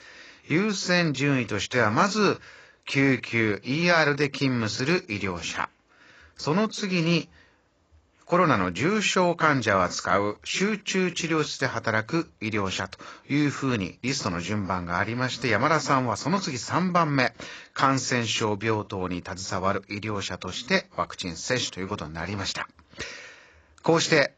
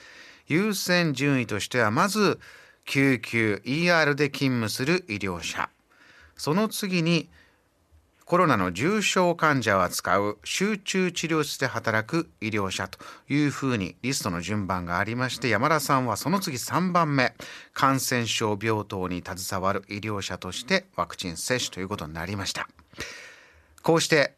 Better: second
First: garbled, watery; badly; nothing above 7.5 kHz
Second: none

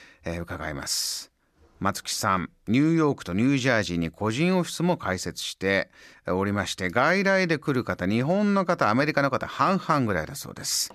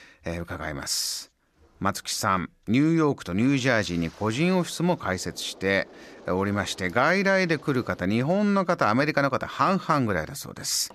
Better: first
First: none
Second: wind noise on the microphone; occasional gusts; 25 dB below the speech

